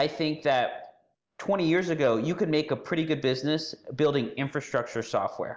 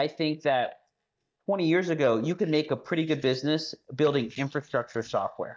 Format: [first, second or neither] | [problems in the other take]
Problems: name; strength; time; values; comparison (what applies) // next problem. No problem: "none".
first | noise reduction (neural mask model DeepFilterNet 3)